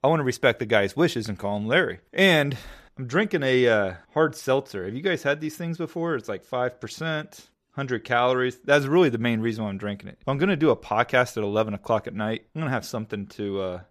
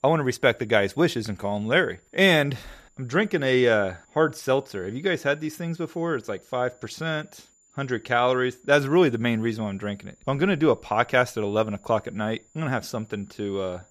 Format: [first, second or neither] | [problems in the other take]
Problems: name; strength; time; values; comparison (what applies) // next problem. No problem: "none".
first | high-pitched whine; faint; throughout; 7 kHz, 35 dB below the speech